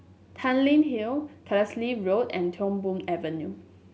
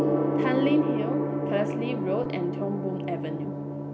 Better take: first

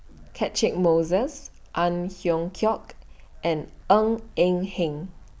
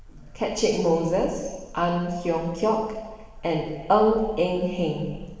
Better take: first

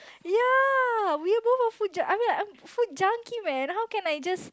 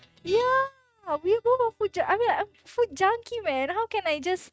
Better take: first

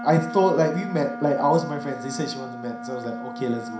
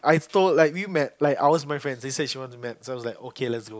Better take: second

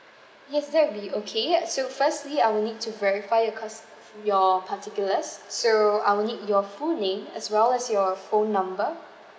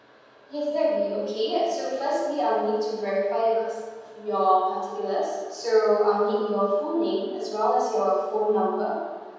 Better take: first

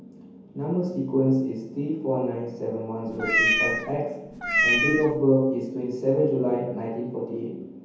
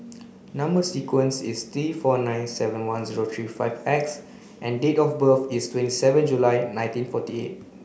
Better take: second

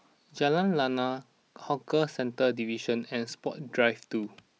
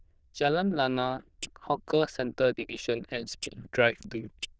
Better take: first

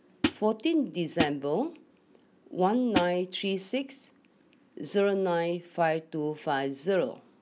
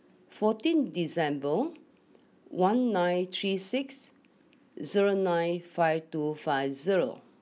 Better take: second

